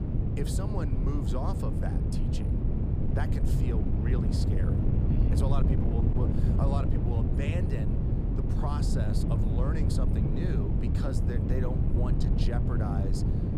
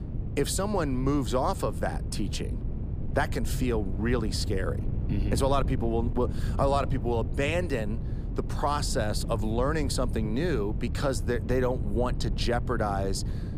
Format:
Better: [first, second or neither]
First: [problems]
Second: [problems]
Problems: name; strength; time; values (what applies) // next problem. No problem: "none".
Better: second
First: wind noise on the microphone; heavy; 2 dB above the speech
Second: wind noise on the microphone; occasional gusts; 15 dB below the speech